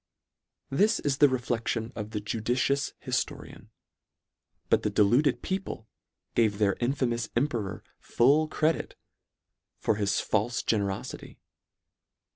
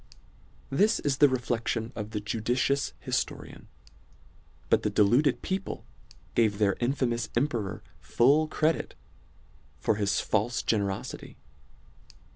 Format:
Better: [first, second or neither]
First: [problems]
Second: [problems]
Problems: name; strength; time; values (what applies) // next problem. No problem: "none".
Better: first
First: none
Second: background sound (Tick); 19 dB below the speech